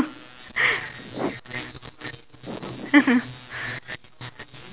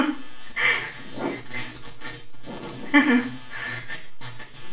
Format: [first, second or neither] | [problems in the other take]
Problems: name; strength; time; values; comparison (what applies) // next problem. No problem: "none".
first | room echo; dies away in 0.4 s